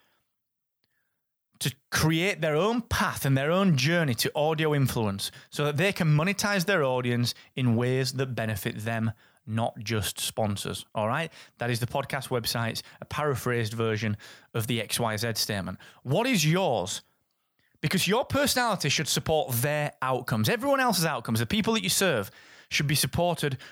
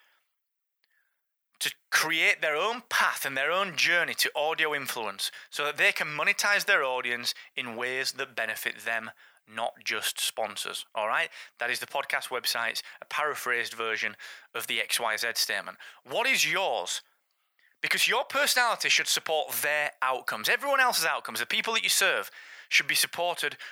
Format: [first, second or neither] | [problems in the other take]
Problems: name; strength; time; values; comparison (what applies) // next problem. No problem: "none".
first | thin; very; fading below 600 Hz